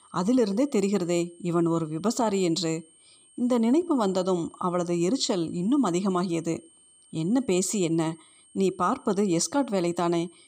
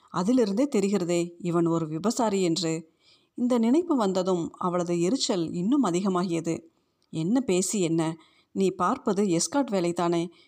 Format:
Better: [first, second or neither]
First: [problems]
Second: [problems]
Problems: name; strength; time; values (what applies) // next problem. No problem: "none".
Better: second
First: high-pitched whine; faint; throughout; 8.5 kHz, 30 dB below the speech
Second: none